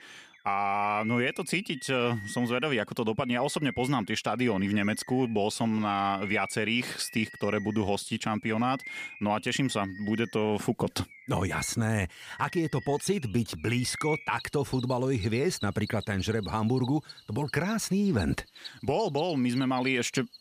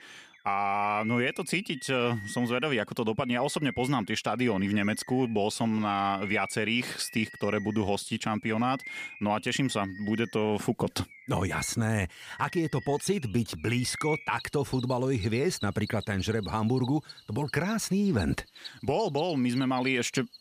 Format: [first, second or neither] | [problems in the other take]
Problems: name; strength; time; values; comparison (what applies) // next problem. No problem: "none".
neither | animal sounds; noticeable; throughout; 15 dB below the speech; the same in both